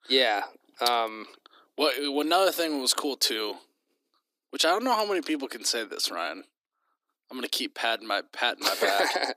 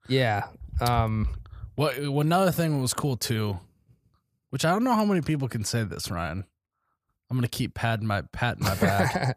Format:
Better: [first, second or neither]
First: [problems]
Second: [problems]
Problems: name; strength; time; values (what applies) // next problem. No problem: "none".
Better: second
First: thin; somewhat; fading below 300 Hz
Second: none